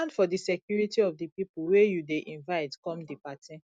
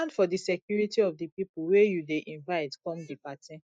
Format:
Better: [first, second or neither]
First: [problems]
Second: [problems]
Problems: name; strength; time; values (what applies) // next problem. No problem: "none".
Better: first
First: none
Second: noise reduction (neural mask model Resemble Enhance denoiser)